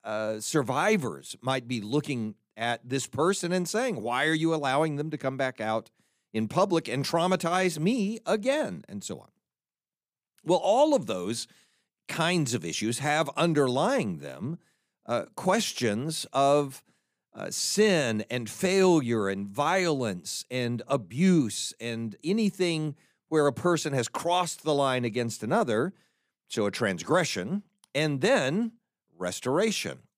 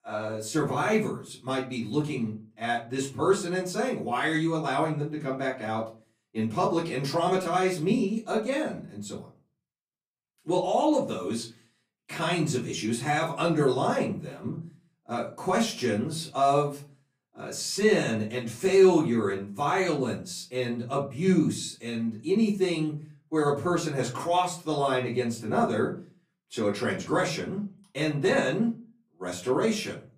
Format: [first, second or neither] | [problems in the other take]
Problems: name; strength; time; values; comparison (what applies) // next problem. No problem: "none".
first | off-mic speech; far // room echo; slight; dies away in 0.3 s